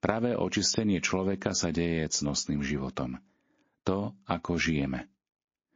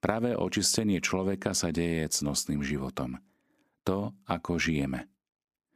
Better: second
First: garbled, watery; slightly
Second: none

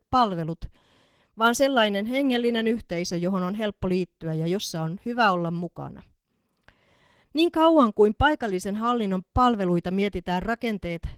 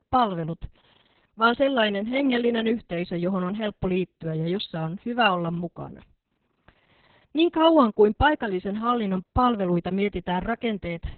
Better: first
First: garbled, watery; slightly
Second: garbled, watery; badly; nothing above 4 kHz

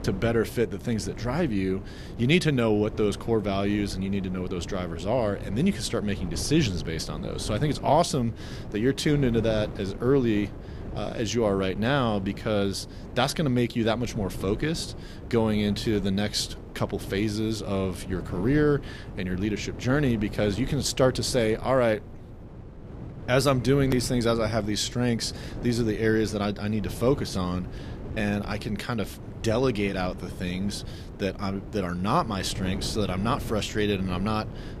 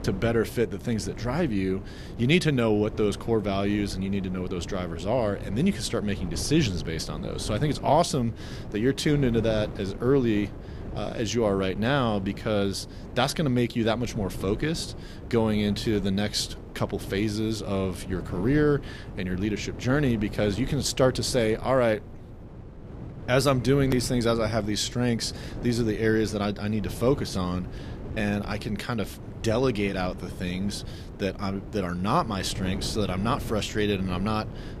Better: neither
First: wind noise on the microphone; occasional gusts; 15 dB below the speech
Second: wind noise on the microphone; occasional gusts; 15 dB below the speech

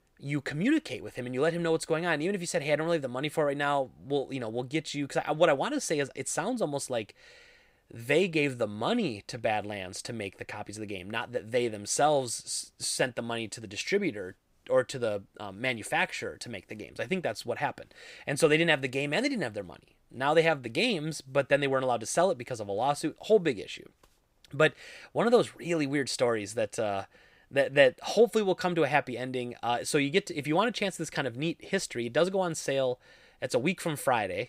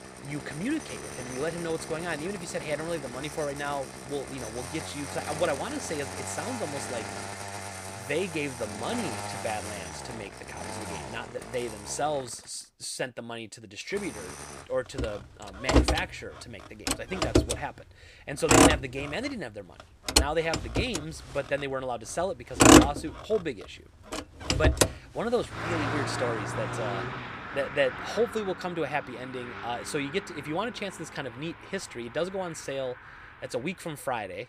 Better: first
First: none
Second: traffic noise; very loud; throughout; 5 dB above the speech

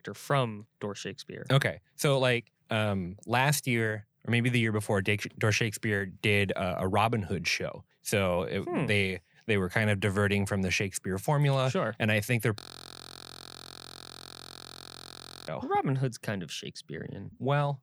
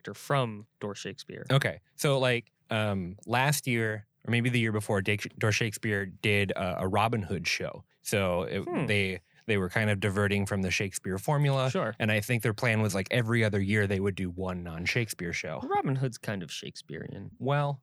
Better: second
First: audio freezing; at 13 s for 3 s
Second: none

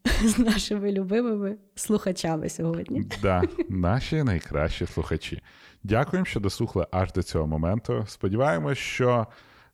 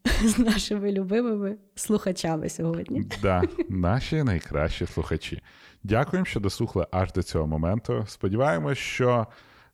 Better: neither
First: none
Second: none

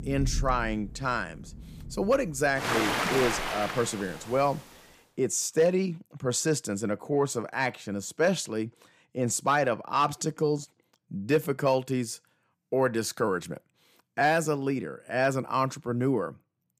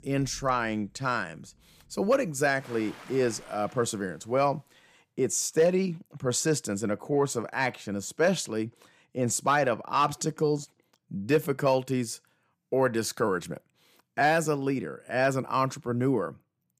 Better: second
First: rain or running water; loud; until 4.5 s; 3 dB below the speech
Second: rain or running water; faint; until 4.5 s; 20 dB below the speech

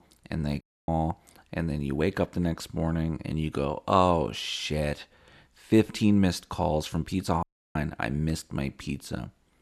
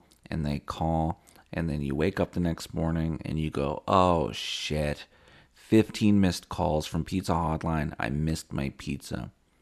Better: second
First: audio cutting out; at 0.5 s and at 7.5 s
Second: none

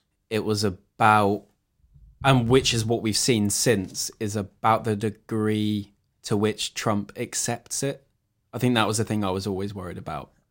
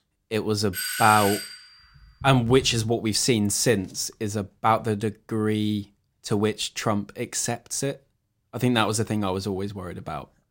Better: first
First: none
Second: doorbell; noticeable; at 0.5 s; peak 2 dB below the speech

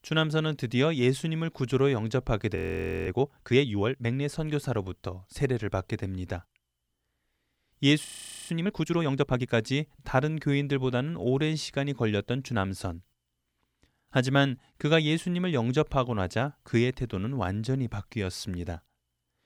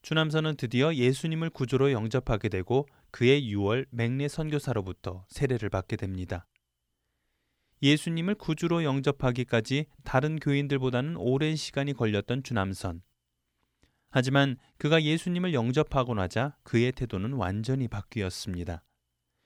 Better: second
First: audio freezing; at 2.5 s for 0.5 s and at 8 s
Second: none

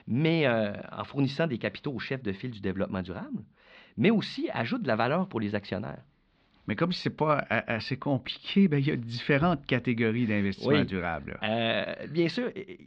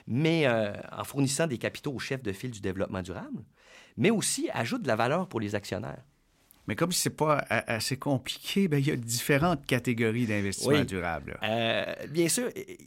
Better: second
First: muffled; slightly; fading above 4 kHz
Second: none

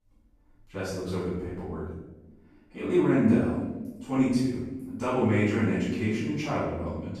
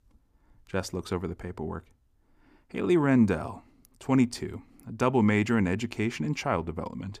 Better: second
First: room echo; strong; dies away in 1 s // off-mic speech; far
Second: none

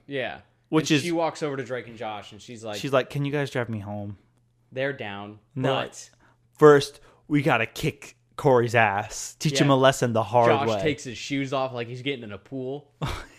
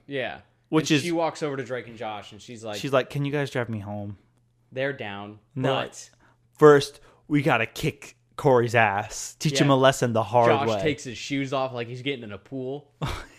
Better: neither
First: none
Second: none

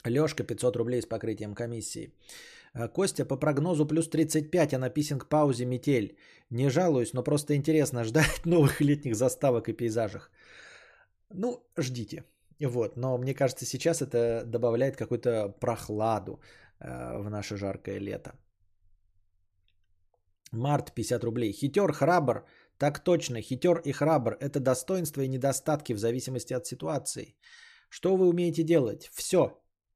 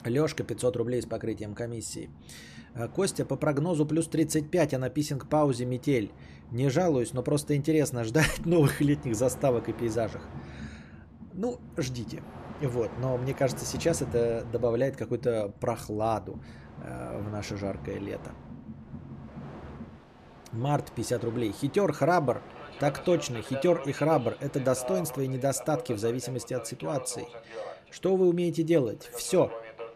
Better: first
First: none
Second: train or aircraft noise; noticeable; throughout; 15 dB below the speech

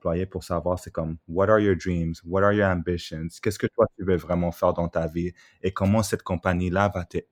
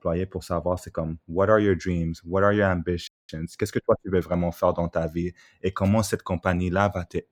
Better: first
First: none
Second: audio freezing; at 3 s

